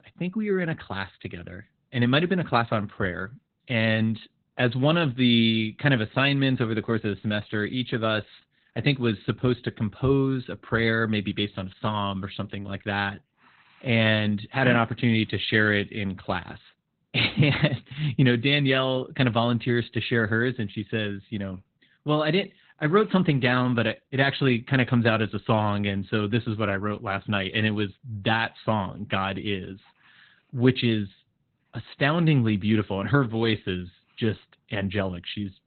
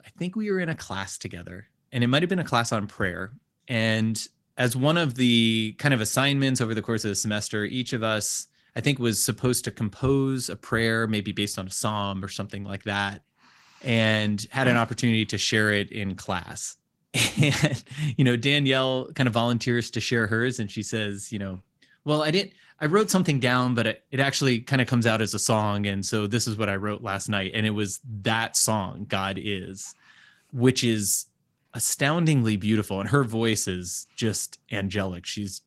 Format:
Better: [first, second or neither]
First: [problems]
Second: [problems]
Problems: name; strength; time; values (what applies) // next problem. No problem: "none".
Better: second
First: garbled, watery; badly; nothing above 4 kHz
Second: garbled, watery; slightly; nothing above 16 kHz